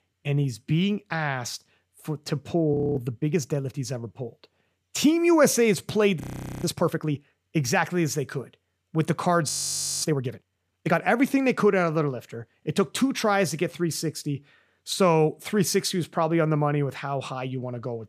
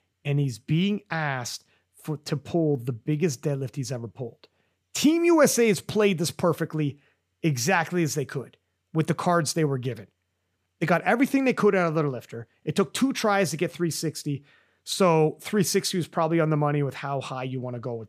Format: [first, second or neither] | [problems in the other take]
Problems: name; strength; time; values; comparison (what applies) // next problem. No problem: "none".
second | audio freezing; at 2.5 s, at 6 s and at 9.5 s for 0.5 s